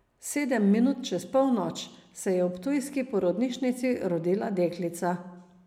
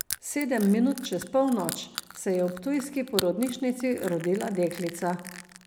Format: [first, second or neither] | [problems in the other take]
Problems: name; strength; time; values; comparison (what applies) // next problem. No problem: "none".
first | background sound (Crushing); 13 dB below the speech